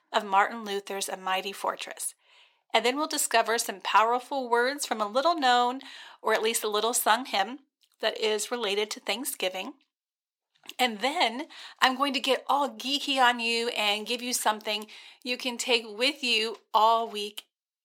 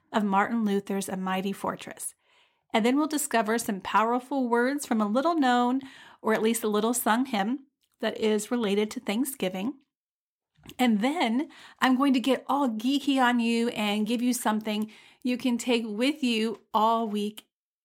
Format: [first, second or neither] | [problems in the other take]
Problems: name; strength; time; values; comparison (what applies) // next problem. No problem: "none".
second | thin; somewhat; fading below 550 Hz